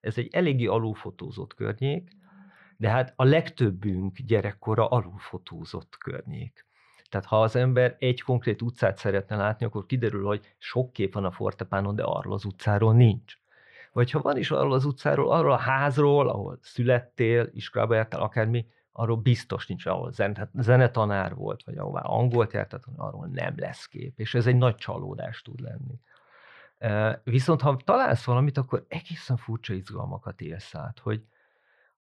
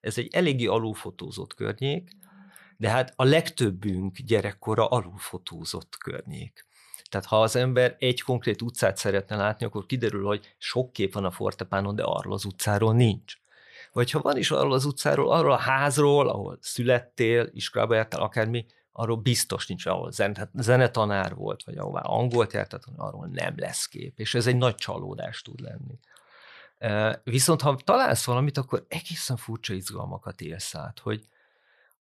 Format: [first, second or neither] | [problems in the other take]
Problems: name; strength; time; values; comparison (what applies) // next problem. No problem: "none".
second | muffled; slightly; fading above 2.5 kHz